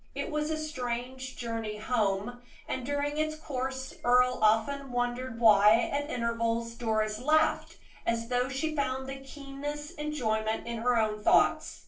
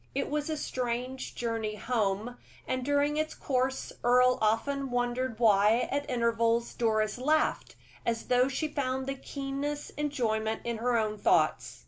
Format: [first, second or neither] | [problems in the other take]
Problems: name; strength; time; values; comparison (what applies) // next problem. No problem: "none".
second | noise reduction (neural separator model SepFormer DNS4)